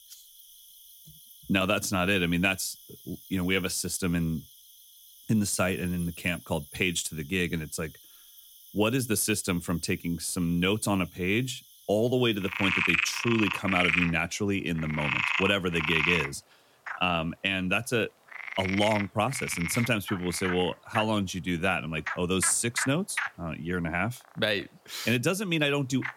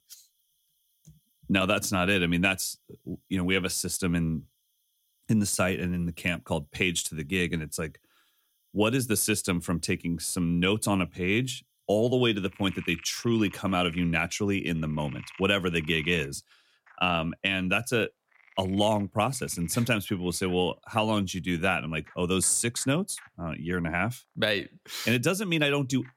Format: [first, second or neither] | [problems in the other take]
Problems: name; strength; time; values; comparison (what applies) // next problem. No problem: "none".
second | animal sounds; loud; throughout; 3 dB below the speech; faint in the second